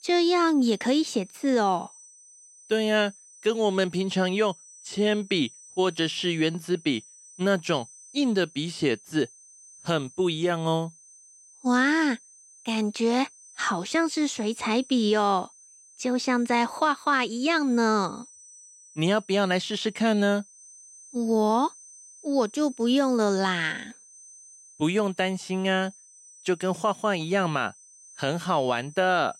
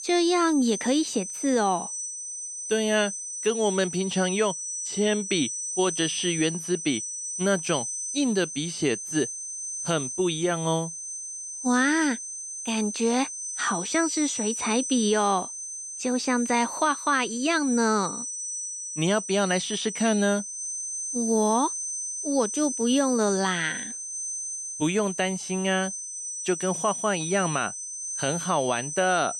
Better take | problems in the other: first | high-pitched whine; loud; throughout; 6 kHz, 5 dB below the speech; faint in the first

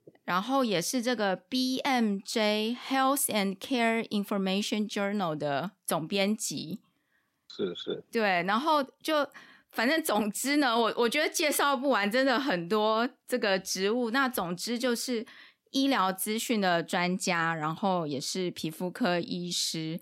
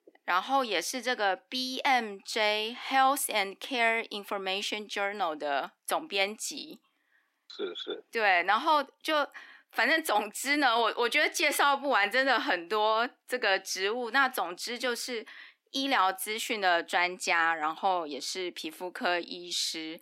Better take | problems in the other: first | thin; somewhat; fading below 300 Hz

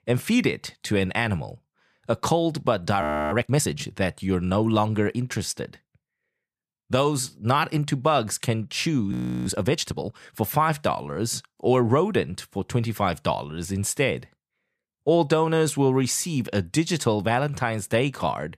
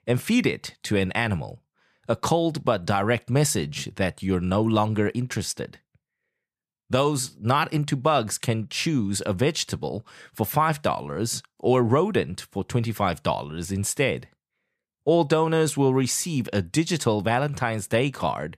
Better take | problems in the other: second | audio freezing; at 3 s and at 9 s

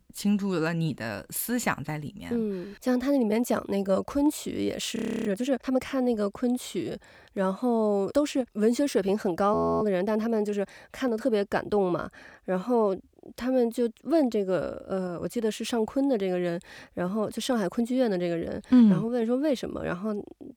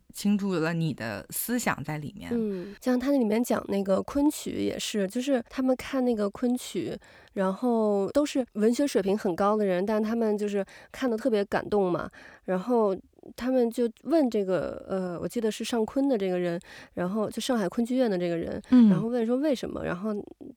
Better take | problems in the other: second | audio freezing; at 5 s and at 9.5 s

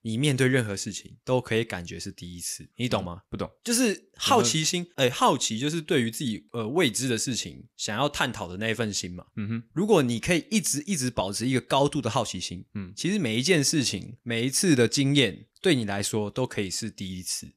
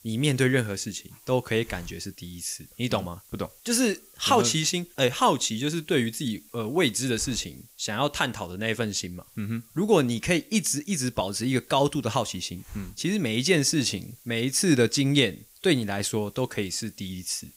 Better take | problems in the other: first | hiss; faint; throughout; 25 dB below the speech

